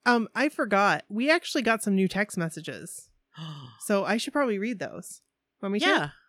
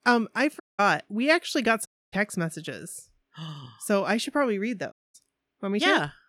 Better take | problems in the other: first | audio cutting out; at 0.5 s, at 2 s and at 5 s

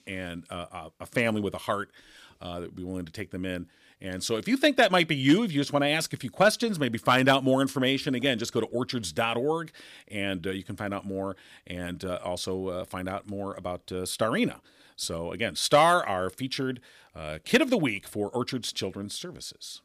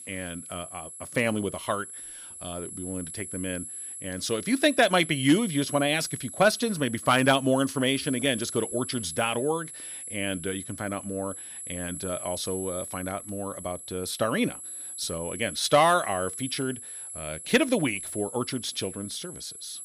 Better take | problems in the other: first | high-pitched whine; loud; throughout; 10.5 kHz, 9 dB below the speech

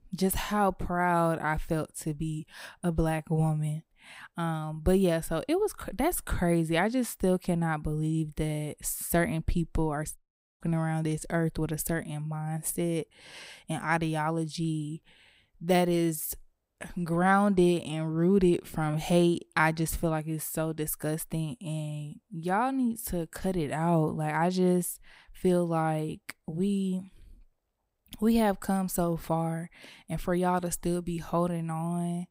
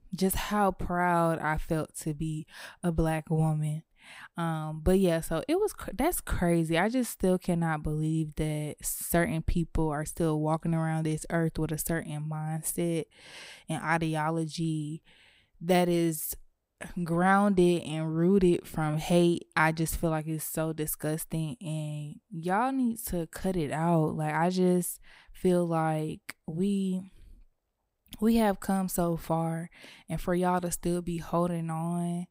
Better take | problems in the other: second | audio cutting out; at 10 s

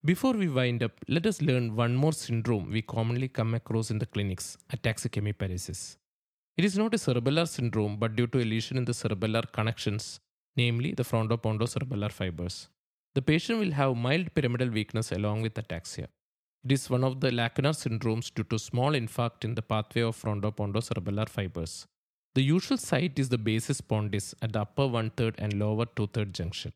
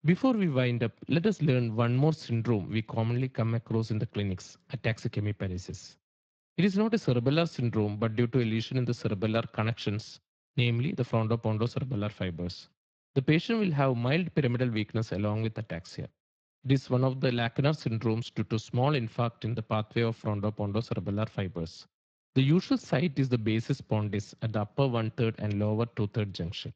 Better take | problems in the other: first | garbled, watery; slightly; nothing above 19.5 kHz

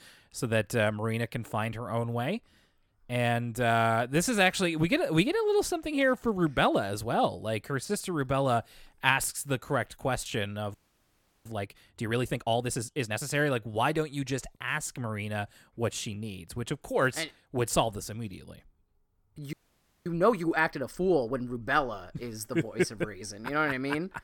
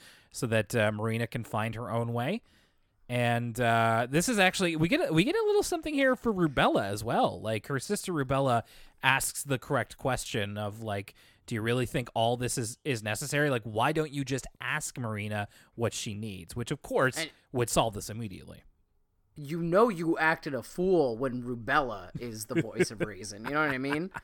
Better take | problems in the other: second | audio freezing; at 11 s for 0.5 s and at 20 s for 0.5 s

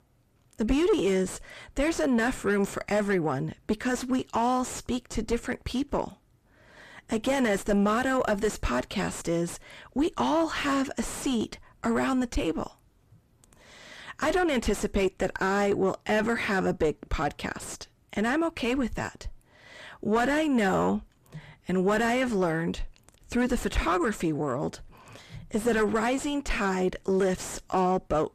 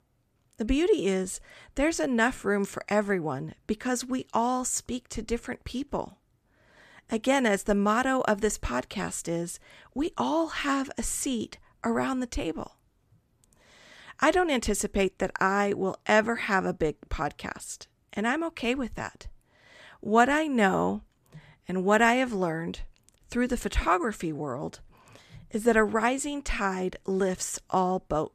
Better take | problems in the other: second | distortion; heavy; 5 dB below the speech

